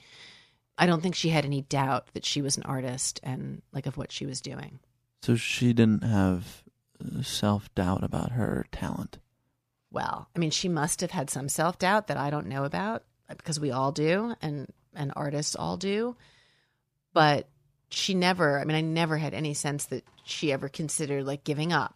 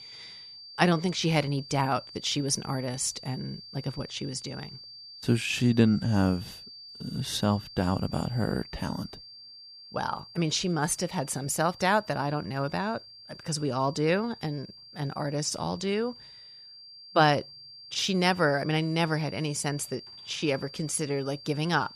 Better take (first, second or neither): first